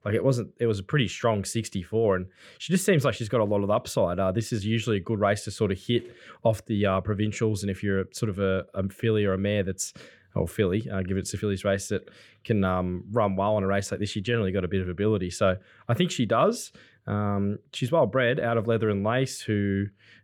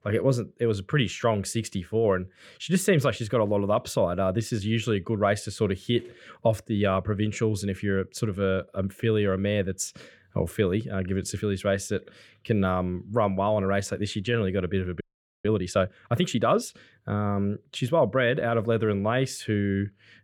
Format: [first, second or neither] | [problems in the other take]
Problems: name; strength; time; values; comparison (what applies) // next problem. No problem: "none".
first | audio freezing; at 15 s